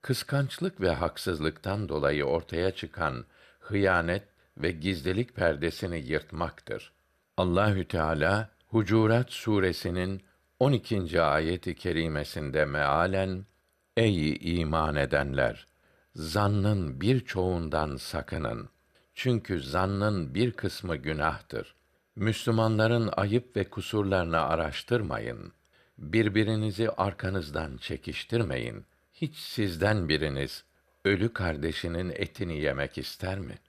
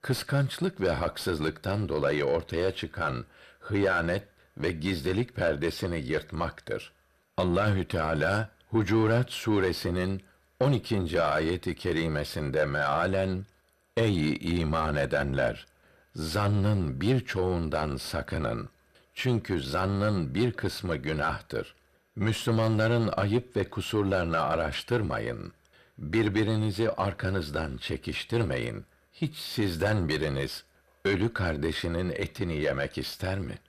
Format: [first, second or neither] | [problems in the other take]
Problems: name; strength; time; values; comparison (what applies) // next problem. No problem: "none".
first | distortion; slight; 9 dB below the speech